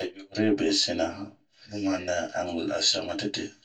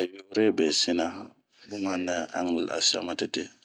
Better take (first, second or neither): second